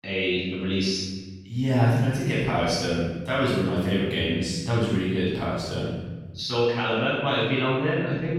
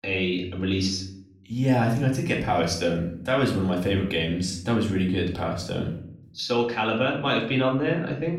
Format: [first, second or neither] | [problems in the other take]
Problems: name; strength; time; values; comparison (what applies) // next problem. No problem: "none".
second | room echo; strong; dies away in 1.2 s; slight in the second // off-mic speech; far; far in the second